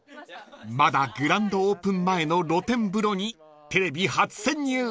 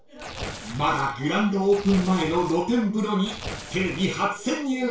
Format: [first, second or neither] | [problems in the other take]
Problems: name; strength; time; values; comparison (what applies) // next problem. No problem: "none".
first | background sound (Tearing); 14 dB below the speech // room echo; dies away in 0.3 s